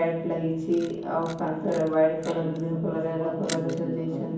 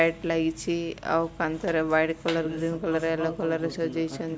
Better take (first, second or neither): second